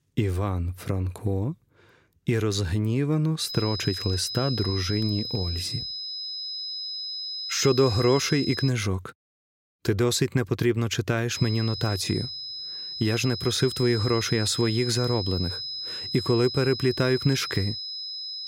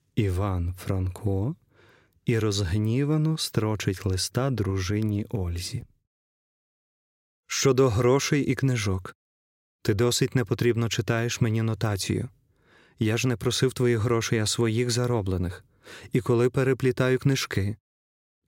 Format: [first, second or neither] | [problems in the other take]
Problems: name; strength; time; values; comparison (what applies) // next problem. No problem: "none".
second | high-pitched whine; loud; from 3.5 to 8.5 s and from 11 s on; 5 kHz, 5 dB below the speech